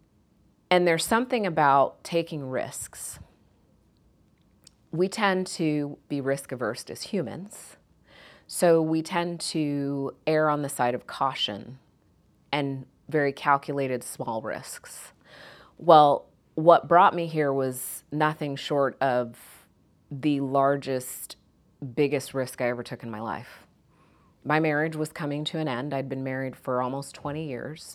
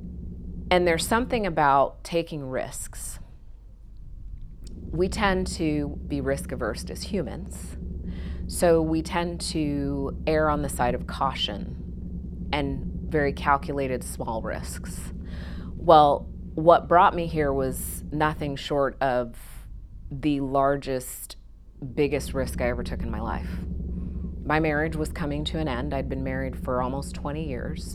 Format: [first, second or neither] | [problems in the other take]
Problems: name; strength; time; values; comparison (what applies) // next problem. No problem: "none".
first | low rumble; faint; throughout; 20 dB below the speech